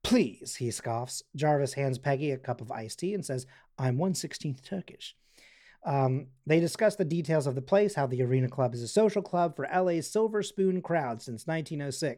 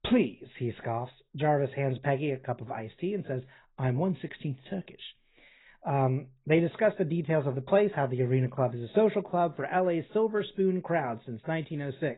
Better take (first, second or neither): first